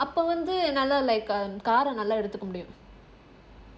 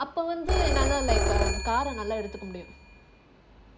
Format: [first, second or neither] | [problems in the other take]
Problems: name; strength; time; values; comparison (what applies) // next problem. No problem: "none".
first | background sound (Telephone); 3 dB above the speech